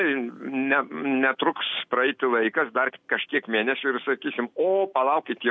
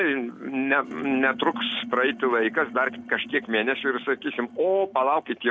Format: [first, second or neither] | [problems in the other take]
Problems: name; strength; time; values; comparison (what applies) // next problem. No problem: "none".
first | background sound (Sink (filling or washing)); 16 dB below the speech